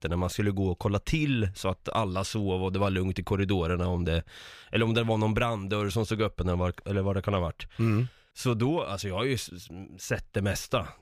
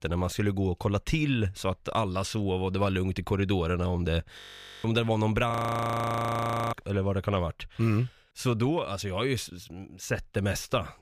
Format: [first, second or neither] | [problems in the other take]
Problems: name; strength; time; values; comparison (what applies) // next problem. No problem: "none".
first | audio freezing; at 4.5 s and at 5.5 s for 1 s